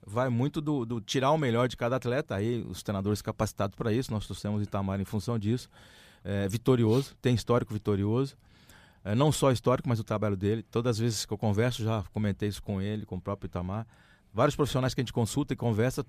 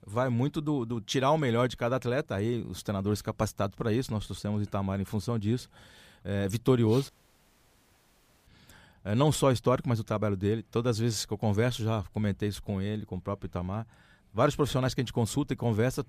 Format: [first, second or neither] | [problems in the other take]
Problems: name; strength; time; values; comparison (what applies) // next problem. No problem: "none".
first | audio cutting out; at 7 s for 1.5 s